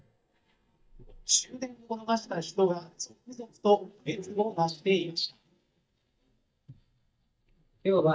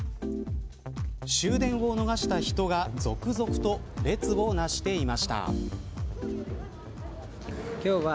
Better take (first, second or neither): second